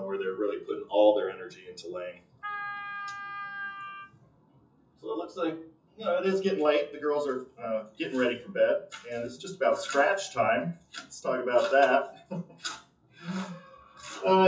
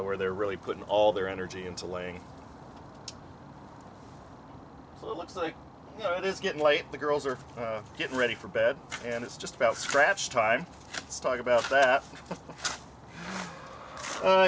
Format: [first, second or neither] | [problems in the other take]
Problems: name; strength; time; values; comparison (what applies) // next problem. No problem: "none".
second | noise reduction (classical method WPE with log-MMSE)